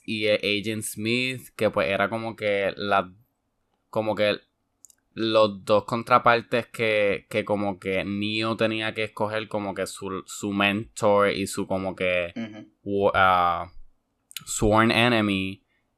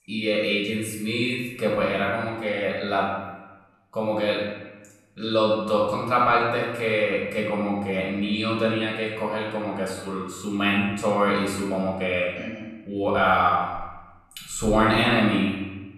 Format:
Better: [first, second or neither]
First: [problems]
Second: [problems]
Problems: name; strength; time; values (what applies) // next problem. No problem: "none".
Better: first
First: none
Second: room echo; noticeable; dies away in 1 s // off-mic speech; far